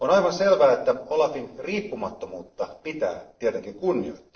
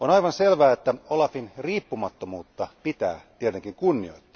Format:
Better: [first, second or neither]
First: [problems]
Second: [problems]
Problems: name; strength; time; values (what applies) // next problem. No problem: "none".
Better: second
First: noise reduction (neural separator model SepFormer DNS4)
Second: none